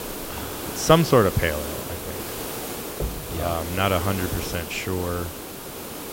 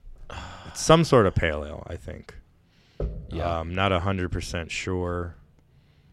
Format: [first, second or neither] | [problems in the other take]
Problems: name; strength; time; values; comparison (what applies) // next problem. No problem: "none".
second | hiss; loud; throughout; 8 dB below the speech